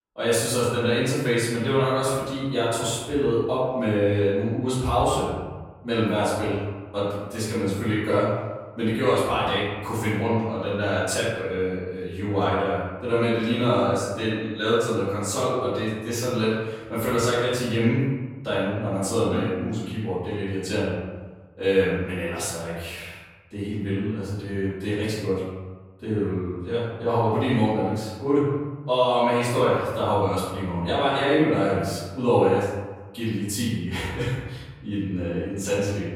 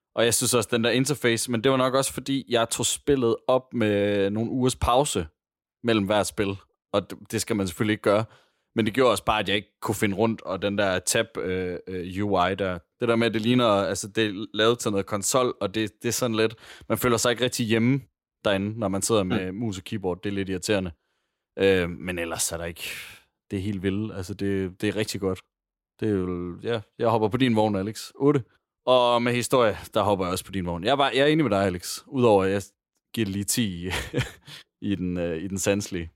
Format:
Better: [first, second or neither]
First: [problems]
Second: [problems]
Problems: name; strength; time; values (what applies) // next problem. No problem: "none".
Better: second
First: off-mic speech; far // room echo; strong; dies away in 1.3 s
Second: none